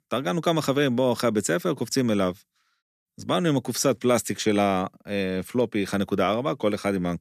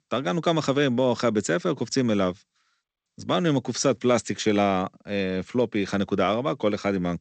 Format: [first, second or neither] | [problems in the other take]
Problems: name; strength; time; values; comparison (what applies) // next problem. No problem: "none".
first | garbled, watery; slightly; nothing above 8 kHz